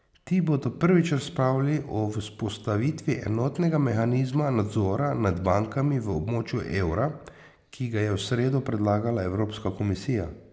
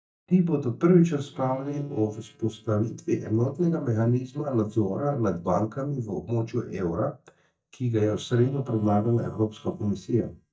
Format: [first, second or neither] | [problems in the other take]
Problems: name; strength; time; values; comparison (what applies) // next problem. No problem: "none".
first | noise reduction (neural mask model DeepFilterNet 3)